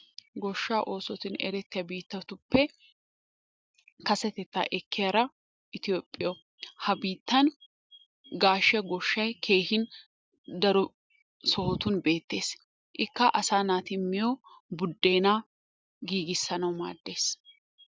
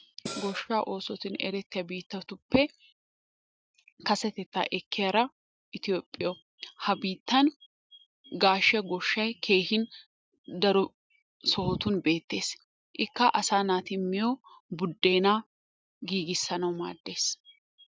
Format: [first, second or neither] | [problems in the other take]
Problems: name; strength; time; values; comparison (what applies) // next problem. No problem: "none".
first | noise reduction (neural mask model RNNoise)